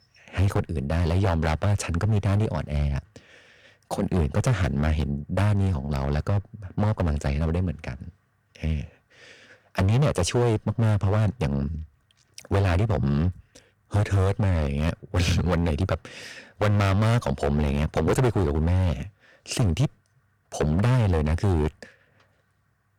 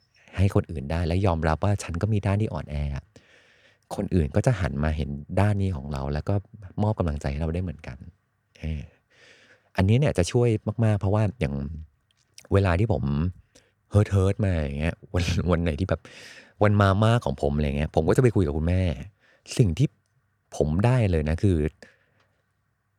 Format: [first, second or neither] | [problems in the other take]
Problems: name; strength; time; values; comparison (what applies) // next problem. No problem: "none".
second | distortion; heavy; 11% of the sound clipped